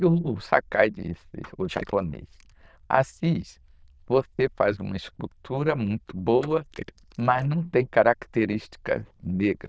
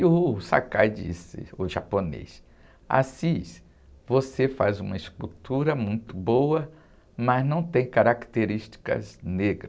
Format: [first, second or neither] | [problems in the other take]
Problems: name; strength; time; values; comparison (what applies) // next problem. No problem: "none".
second | noise reduction (neural diffusion model UNIVERSE++)